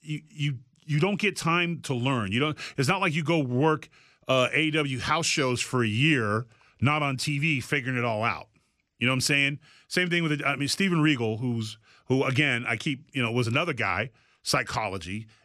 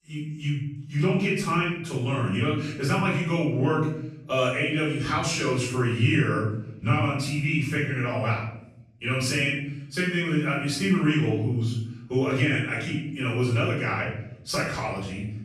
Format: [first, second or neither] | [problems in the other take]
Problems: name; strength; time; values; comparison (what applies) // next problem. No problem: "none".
first | off-mic speech; far // room echo; noticeable; dies away in 0.8 s